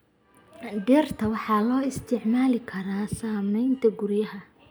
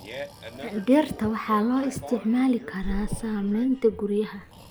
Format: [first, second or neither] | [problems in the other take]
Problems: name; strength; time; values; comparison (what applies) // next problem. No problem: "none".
first | background sound (Fart + Breathing); 13 dB below the speech